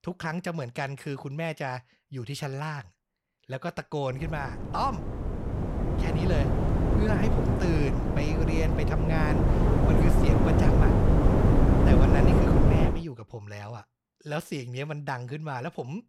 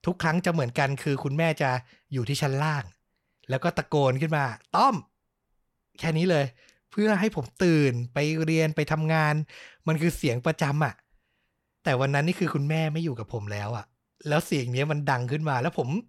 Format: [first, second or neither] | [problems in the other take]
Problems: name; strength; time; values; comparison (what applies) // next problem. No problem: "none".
second | wind noise on the microphone; heavy; from 4 to 13 s; 4 dB above the speech